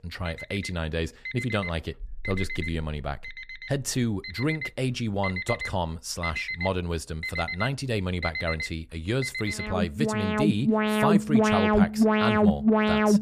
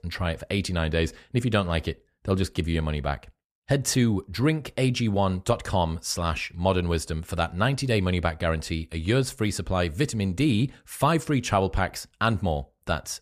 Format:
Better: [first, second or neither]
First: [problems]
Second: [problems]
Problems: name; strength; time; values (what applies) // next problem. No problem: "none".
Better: second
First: alarms or sirens; very loud; throughout; 3 dB above the speech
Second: none